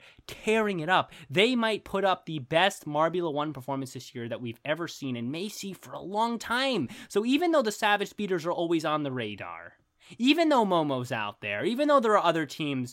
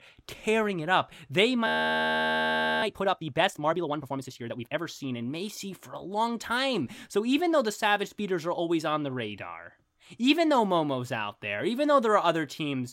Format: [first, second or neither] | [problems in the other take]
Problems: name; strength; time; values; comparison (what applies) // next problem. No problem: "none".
first | audio freezing; at 1.5 s for 1 s